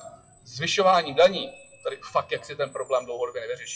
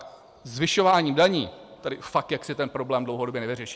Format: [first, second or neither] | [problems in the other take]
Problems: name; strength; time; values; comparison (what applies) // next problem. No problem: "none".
second | noise reduction (classical method WPE with log-MMSE)